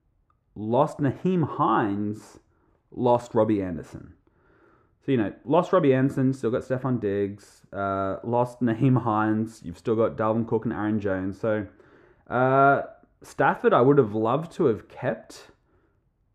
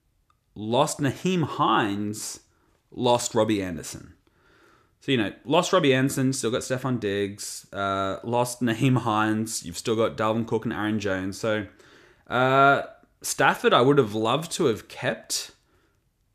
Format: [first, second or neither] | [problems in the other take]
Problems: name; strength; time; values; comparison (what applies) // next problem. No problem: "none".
second | muffled; very; fading above 2.5 kHz